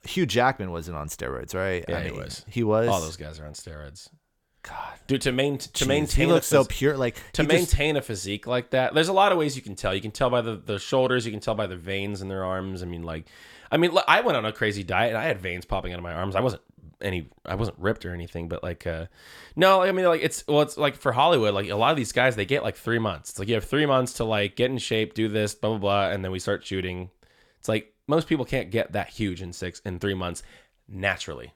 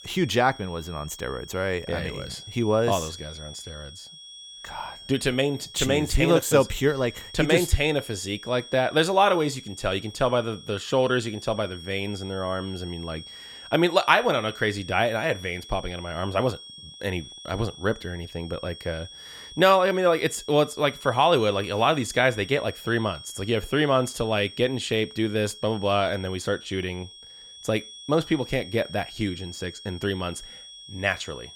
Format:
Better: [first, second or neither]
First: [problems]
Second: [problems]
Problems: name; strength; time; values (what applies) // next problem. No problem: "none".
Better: first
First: none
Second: high-pitched whine; noticeable; throughout; 3.5 kHz, 15 dB below the speech